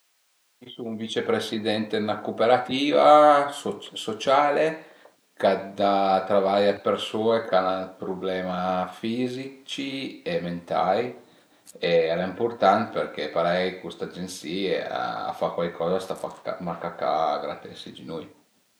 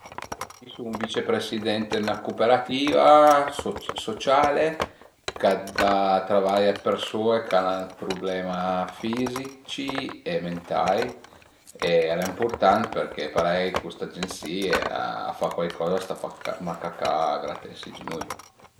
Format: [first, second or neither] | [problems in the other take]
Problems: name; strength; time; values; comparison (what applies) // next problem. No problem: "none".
first | background sound (Wood); 12 dB below the speech